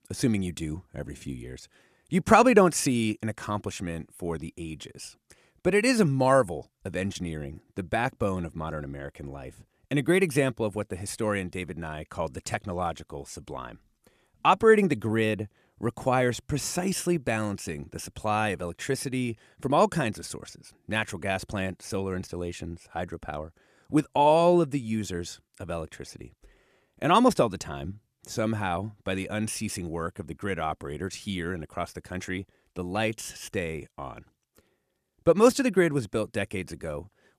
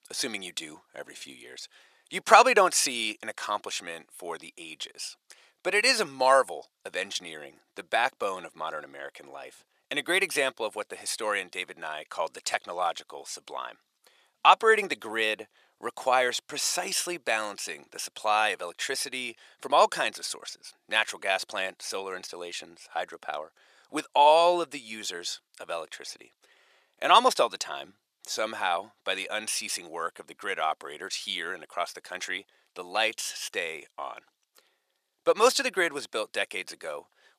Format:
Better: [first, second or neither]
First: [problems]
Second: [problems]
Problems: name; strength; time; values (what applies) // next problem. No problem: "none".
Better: first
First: none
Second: thin; very; fading below 700 Hz